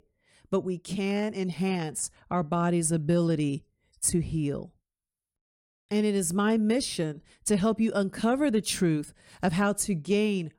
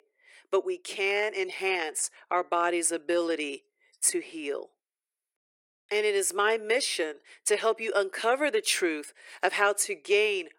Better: first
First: none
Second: thin; very; fading below 350 Hz

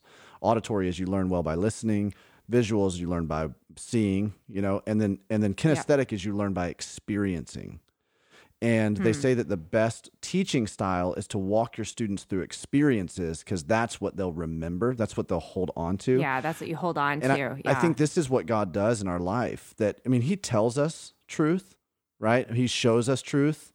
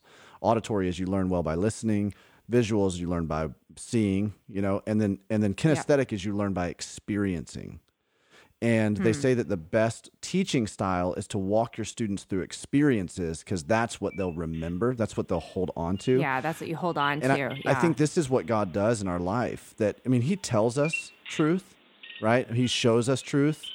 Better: first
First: none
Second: animal sounds; noticeable; throughout; 15 dB below the speech

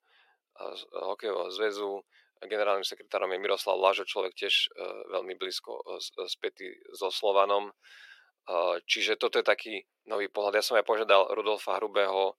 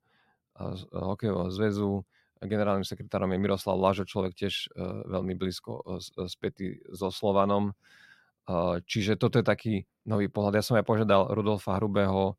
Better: second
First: thin; very; fading below 400 Hz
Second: none

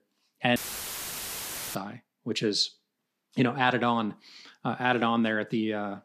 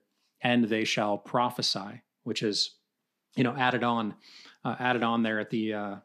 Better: second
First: audio cutting out; filled with static; at 0.5 s for 1 s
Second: none

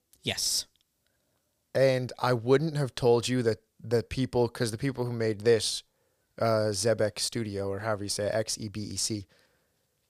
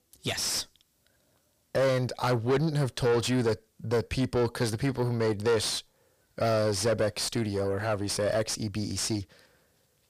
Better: first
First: none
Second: distortion; heavy; 7 dB below the speech

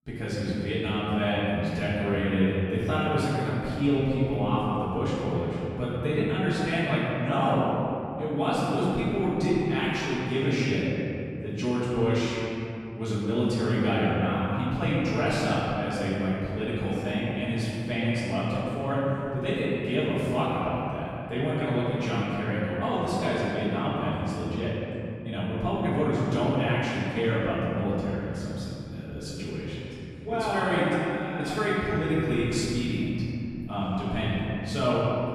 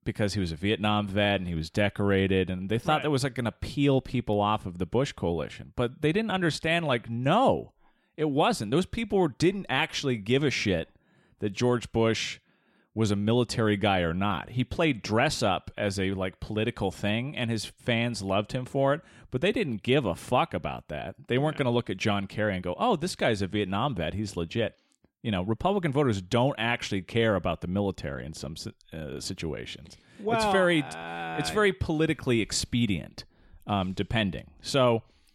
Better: second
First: room echo; strong; dies away in 2.9 s // off-mic speech; far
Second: none

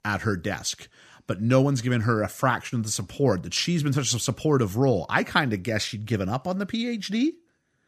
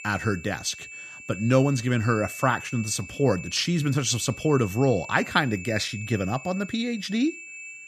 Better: first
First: none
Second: high-pitched whine; noticeable; throughout; 2.5 kHz, 15 dB below the speech

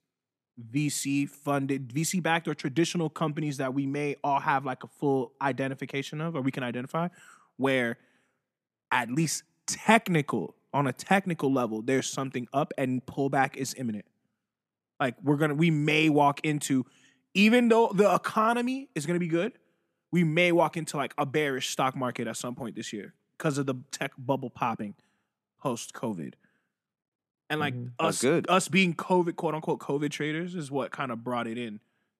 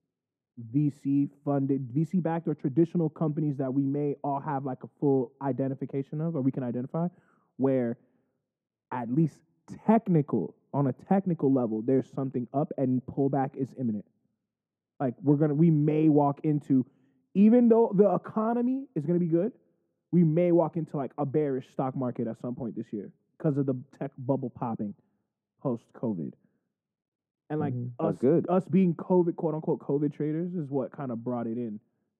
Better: first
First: none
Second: muffled; very; fading above 1.5 kHz

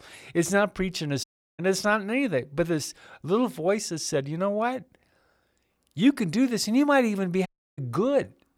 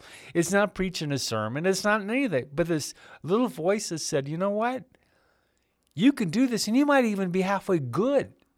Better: second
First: audio cutting out; at 1 s and at 7.5 s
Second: none

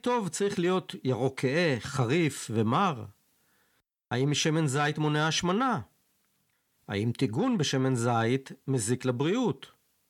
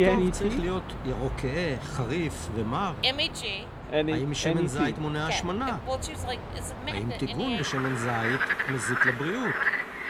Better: first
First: none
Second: animal sounds; very loud; throughout; 1 dB above the speech

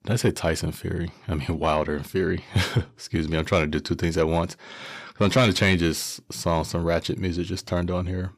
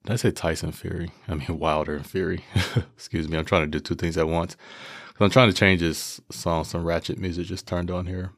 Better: second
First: distortion; slight; 10 dB below the speech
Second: none

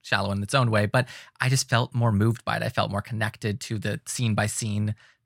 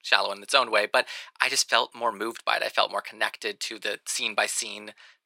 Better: first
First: none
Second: thin; very; fading below 350 Hz

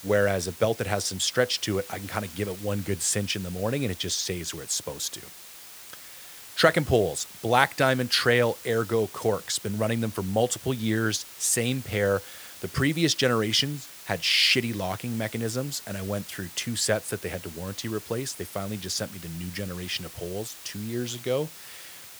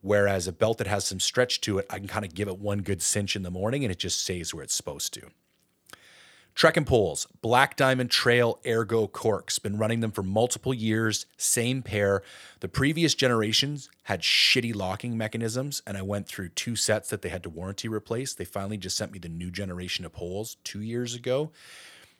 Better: second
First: hiss; noticeable; throughout; 15 dB below the speech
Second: none

